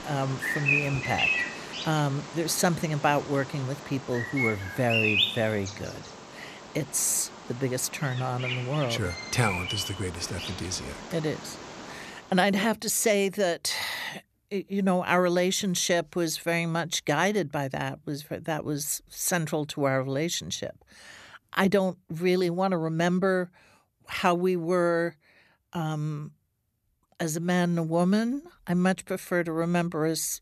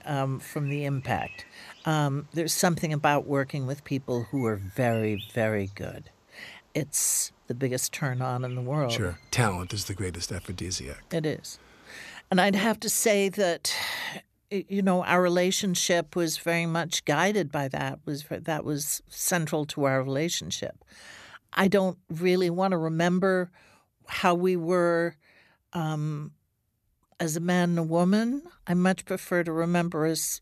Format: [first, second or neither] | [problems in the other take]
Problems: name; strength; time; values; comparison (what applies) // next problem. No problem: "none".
second | animal sounds; loud; until 12 s; 3 dB below the speech; faint in the second